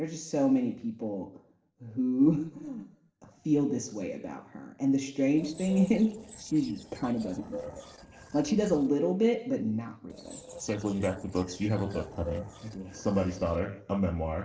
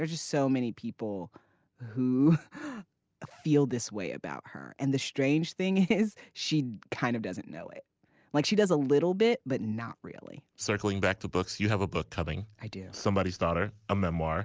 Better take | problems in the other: second | noise reduction (neural separator model SepFormer DNS4)

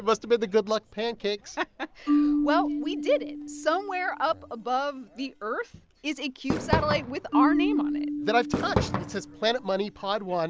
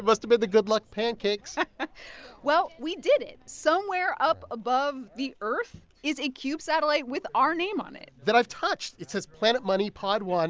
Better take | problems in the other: second | background sound (Fireworks + Marimba, xylophone); 2 dB below the speech

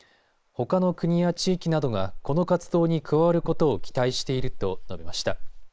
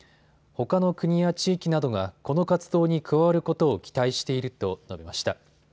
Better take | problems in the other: second | noise reduction (neural mask model Resemble Enhance denoiser)

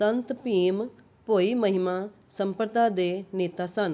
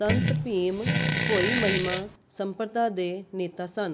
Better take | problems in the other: first | background sound (Fart); 2 dB above the speech

